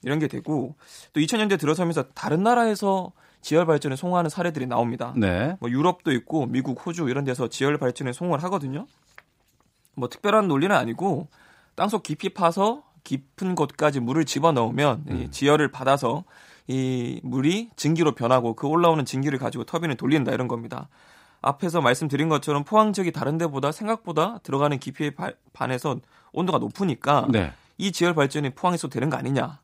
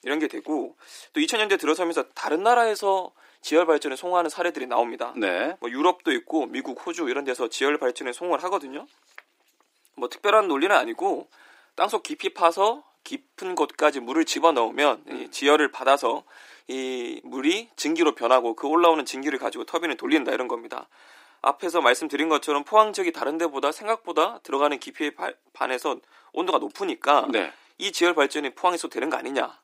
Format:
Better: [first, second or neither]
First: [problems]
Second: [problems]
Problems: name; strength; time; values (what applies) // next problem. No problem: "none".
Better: first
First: none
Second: thin; somewhat; fading below 300 Hz